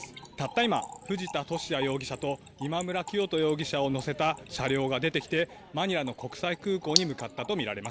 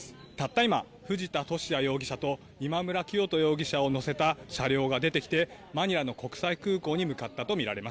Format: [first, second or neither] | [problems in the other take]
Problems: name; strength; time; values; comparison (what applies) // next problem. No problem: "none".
second | background sound (Trickle, dribble / Splash, splatter); 10 dB below the speech